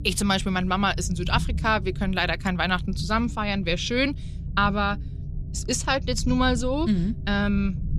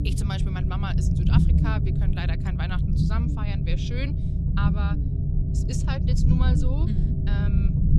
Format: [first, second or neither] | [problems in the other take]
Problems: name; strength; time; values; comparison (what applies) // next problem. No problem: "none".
first | low rumble; loud; throughout; as loud as the speech; faint in the first